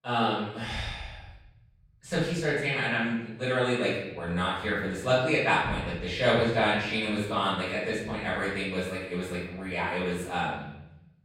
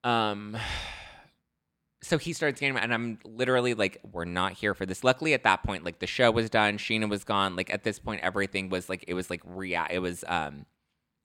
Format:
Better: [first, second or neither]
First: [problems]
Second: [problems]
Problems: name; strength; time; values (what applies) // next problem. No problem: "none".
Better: second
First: off-mic speech; far // room echo; strong; dies away in 1 s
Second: none